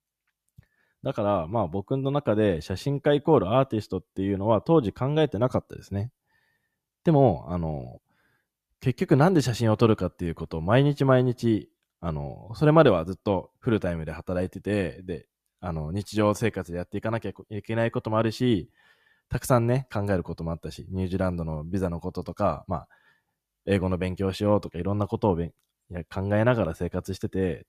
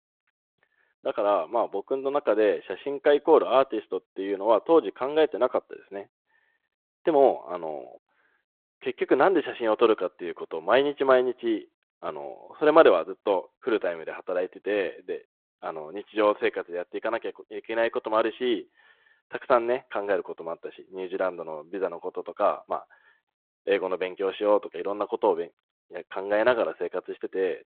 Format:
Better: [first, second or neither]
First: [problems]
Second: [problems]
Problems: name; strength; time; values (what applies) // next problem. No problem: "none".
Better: first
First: none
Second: phone-call audio